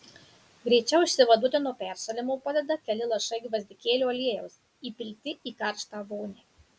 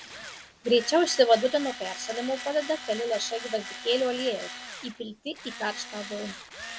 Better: first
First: none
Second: background sound (Tools); 12 dB below the speech

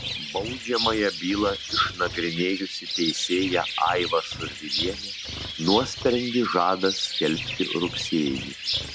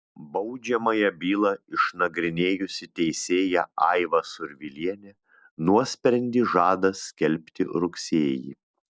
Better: second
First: background sound (Bird); 5 dB below the speech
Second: none

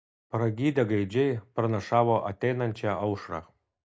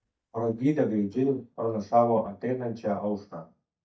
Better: first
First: none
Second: noise reduction (neural mask model DeepFilterNet 3)

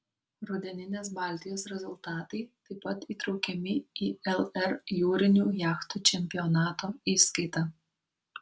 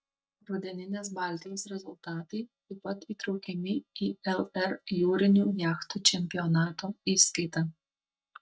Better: first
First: none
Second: noise reduction (neural mask model DeepFilterNet 3)

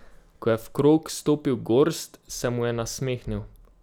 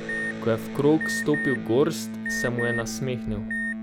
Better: first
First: none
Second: background sound (Alarm + Electric guitar); 4 dB below the speech

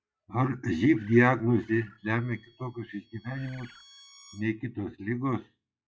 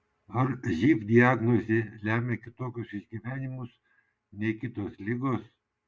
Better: second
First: noise reduction (classical method log-MMSE)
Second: none

